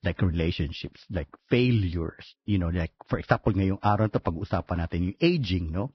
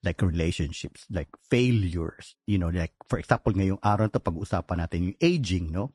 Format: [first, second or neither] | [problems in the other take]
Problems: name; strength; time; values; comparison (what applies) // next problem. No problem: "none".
second | garbled, watery; badly; nothing above 5.5 kHz; slightly in the second